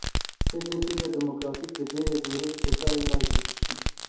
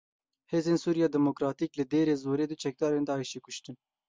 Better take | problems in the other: second | background sound (Fireworks); 4 dB above the speech // room echo; dies away in 2.4 s

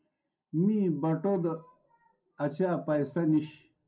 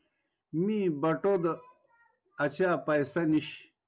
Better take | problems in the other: second | room echo; dies away in 0.2 s

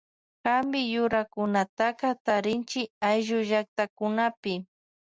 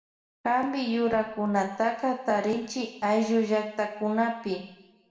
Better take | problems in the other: first | room echo; dies away in 0.8 s

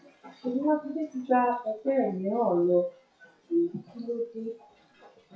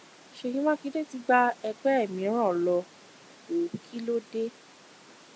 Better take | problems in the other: second | noise reduction (classical method WPE with log-MMSE)

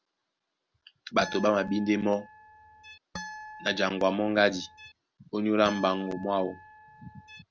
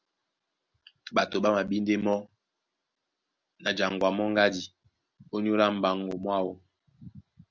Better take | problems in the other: second | background sound (Harp); 15 dB below the speech

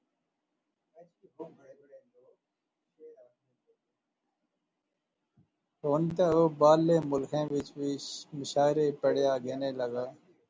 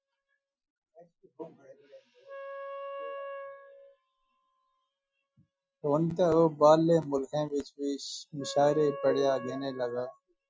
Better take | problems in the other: first | noise reduction (classical method Wiener filter)

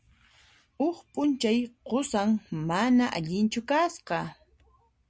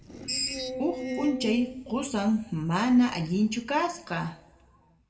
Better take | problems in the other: first | background sound (Screech); 9 dB below the speech // room echo; dies away in 1 s

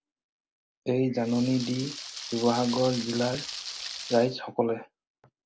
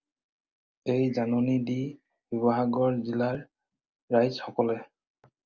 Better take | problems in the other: second | background sound (Rain); 10 dB below the speech

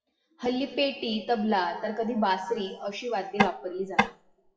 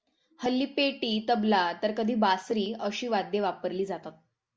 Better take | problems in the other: second | noise reduction (classical method WPE with log-MMSE)

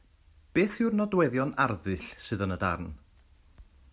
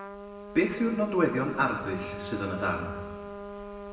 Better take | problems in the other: first | background sound (Trumpet); 10 dB below the speech // room echo; dies away in 1.2 s

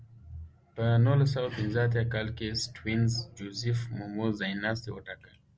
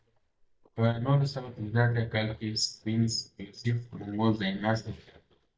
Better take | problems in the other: first | noise reduction (neural mask model DeepFilterNet 3)

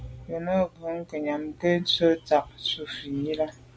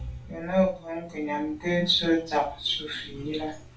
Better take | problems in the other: first | room echo; dies away in 0.3 s

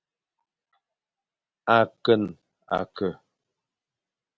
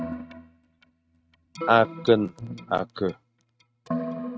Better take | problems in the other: first | noise reduction (neural mask model RNNoise)

